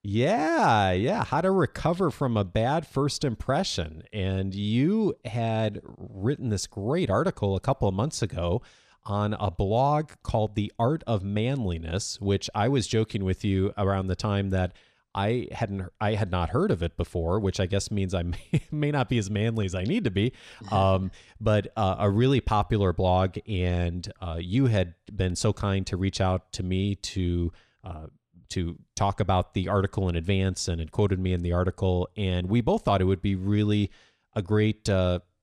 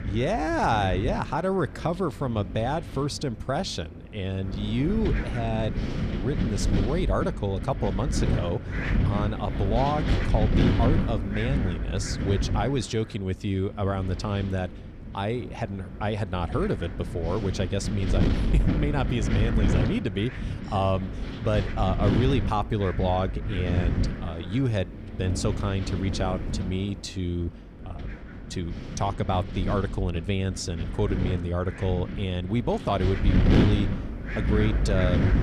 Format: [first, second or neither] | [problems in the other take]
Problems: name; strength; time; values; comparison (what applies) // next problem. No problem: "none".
first | wind noise on the microphone; heavy; 6 dB below the speech